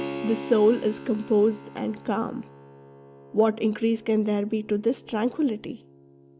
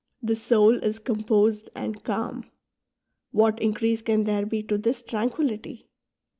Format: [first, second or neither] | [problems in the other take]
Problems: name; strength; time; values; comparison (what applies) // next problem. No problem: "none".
second | background sound (Keyboard (musical)); 15 dB below the speech